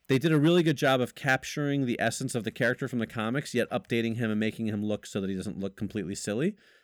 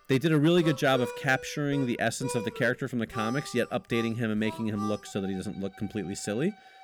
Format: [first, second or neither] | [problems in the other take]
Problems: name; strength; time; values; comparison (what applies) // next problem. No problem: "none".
first | background music; noticeable; throughout; 15 dB below the speech